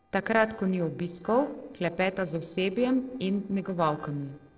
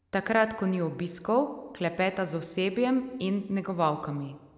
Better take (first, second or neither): second